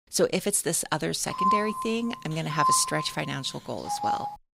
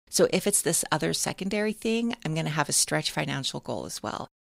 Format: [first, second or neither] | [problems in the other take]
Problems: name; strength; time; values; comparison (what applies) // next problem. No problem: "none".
second | phone ringing; loud; from 1.5 s on; peak 3 dB above the speech